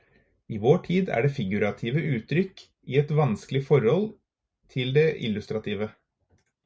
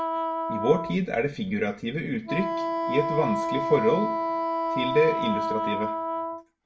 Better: first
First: none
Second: background sound (Wind instrument, woodwind instrument); 1 dB below the speech // room echo; dies away in 0.4 s

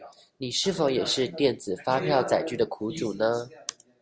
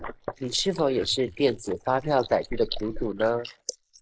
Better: first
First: none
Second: noise reduction (neural mask model Resemble Enhance denoiser)

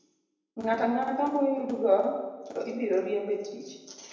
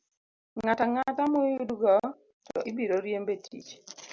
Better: second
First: room echo; dies away in 1 s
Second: none

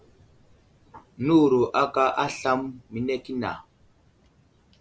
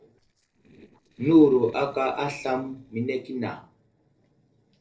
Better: first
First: none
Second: noise reduction (neural separator model SepFormer DNS4)

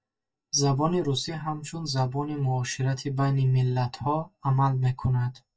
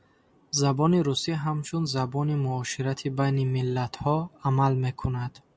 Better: second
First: noise reduction (neural mask model DeepFilterNet 3)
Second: none

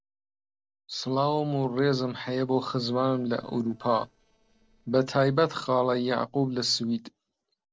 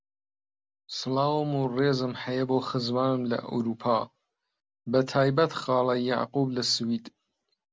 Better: second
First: noise reduction (neural separator model SepFormer DNS4)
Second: none

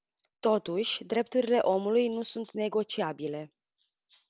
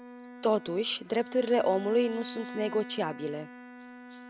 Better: first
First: none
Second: background sound (Bowed string instrument); 13 dB below the speech

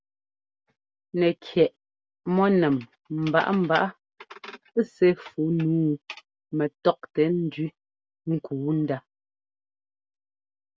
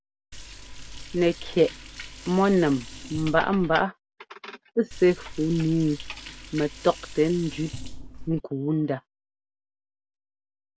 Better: first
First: none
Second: background sound (Liquid); 12 dB below the speech

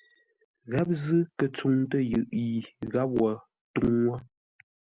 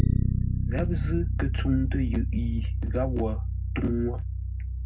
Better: first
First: none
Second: background sound (Bass guitar); 4 dB above the speech // room echo; dies away in 0.3 s

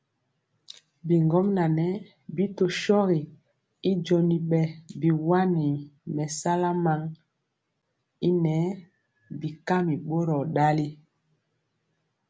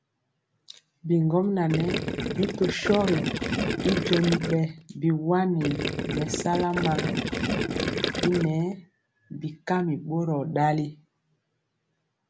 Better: first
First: none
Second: background sound (Gurgling); 2 dB below the speech

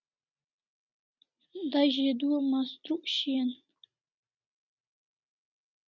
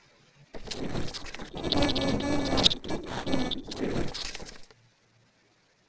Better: first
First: none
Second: noise reduction (neural separator model SepFormer DNS4)

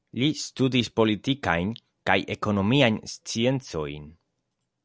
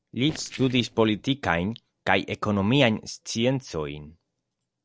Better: first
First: none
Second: noise reduction (neural separator model SepFormer DNS4)

